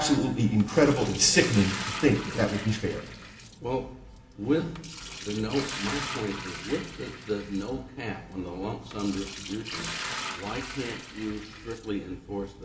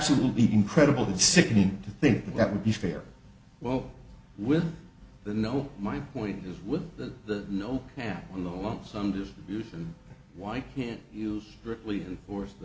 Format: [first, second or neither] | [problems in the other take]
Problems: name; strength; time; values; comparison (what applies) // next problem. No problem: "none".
second | background sound (Liquid); 11 dB below the speech // room echo; dies away in 2.6 s